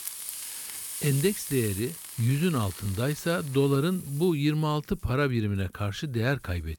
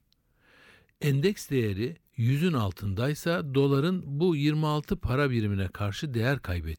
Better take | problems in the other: second | hiss; loud; throughout; 9 dB below the speech

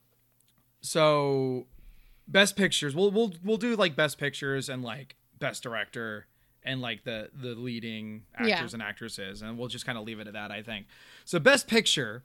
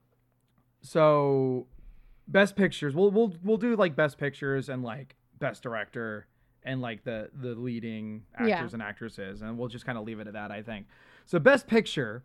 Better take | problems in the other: first | muffled; slightly; fading above 2.5 kHz

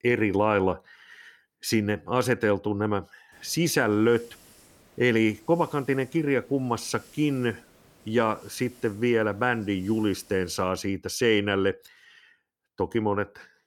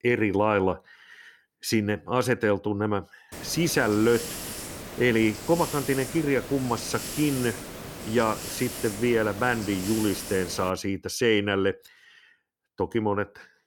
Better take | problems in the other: first | hiss; loud; from 3.5 to 11 s; 10 dB below the speech; faint in the first

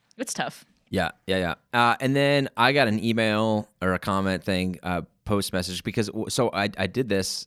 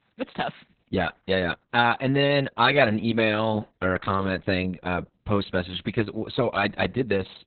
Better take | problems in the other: first | garbled, watery; badly; nothing above 4 kHz

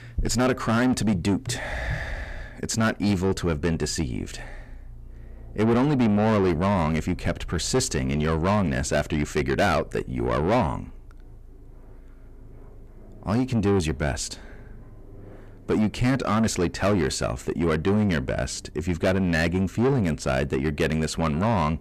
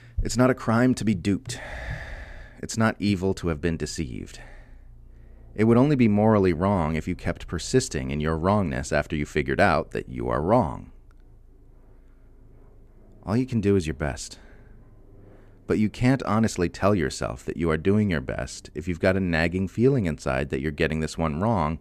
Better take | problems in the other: second | distortion; heavy; 8 dB below the speech

